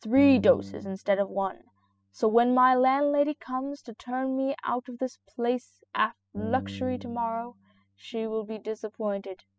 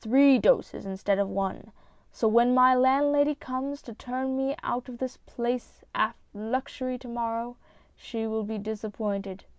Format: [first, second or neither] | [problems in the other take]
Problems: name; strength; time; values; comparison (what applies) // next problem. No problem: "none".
second | noise reduction (classical method spectral subtraction)